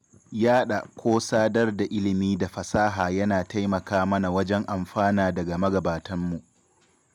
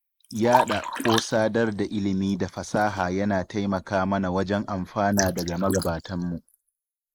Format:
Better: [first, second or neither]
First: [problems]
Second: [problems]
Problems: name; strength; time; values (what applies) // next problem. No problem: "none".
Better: first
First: none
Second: noise reduction (neural mask model Resemble Enhance denoiser)